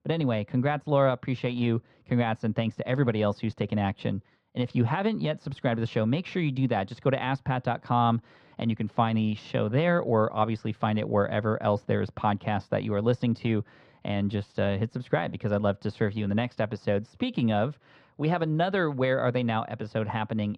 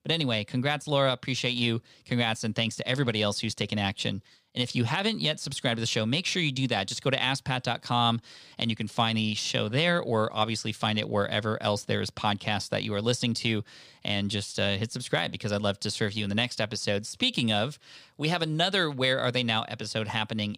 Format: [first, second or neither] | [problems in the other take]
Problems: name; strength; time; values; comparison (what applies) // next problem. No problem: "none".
second | muffled; very; fading above 3.5 kHz